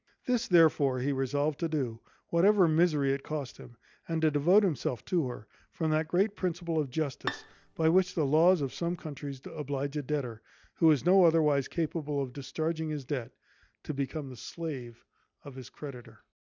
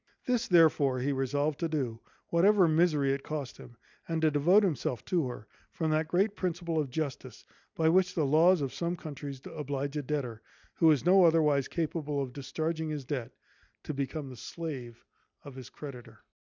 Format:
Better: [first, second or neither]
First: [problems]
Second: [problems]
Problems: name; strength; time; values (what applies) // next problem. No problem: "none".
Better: second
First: background sound (Bowed string instrument); 14 dB below the speech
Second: none